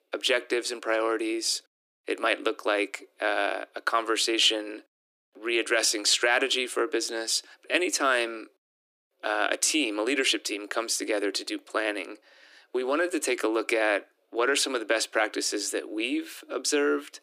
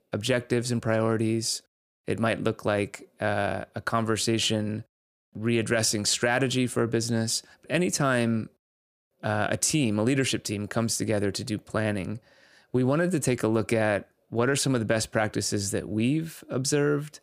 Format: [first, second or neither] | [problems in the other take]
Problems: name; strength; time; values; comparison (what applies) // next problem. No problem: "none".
second | thin; somewhat; fading below 300 Hz